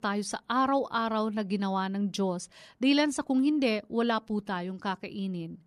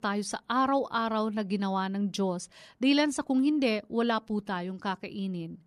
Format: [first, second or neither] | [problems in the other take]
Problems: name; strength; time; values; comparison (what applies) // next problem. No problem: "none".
neither | none